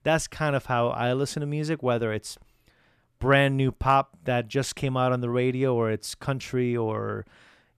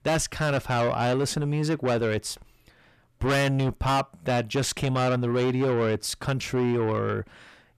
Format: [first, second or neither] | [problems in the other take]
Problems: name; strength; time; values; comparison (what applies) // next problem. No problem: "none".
first | distortion; heavy; 7 dB below the speech